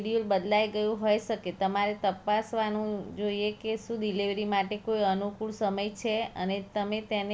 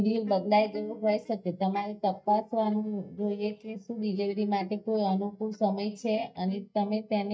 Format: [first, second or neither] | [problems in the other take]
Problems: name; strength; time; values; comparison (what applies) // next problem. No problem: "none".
first | noise reduction (neural mask model DeepFilterNet 3)